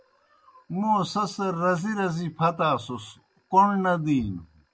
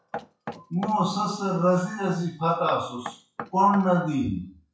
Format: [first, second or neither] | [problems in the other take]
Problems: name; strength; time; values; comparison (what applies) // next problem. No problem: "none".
first | noise reduction (classical method WPE with log-MMSE)